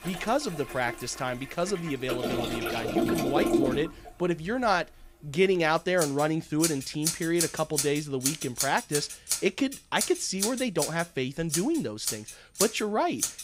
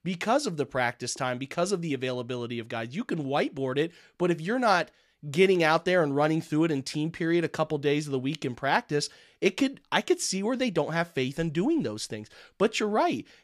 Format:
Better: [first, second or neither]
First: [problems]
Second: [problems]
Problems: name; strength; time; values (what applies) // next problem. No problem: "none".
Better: second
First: household noises; loud; throughout; 2 dB below the speech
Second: none